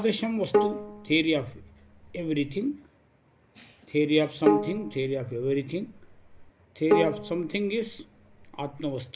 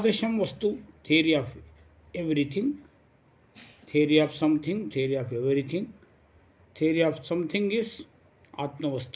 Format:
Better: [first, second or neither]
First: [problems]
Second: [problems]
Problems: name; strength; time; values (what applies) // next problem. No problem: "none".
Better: second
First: background sound (Bowed string instrument); 2 dB below the speech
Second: none